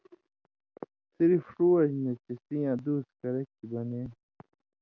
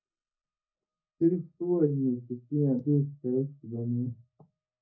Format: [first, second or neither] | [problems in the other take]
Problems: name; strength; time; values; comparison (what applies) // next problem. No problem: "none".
first | noise reduction (neural mask model DeepFilterNet 3)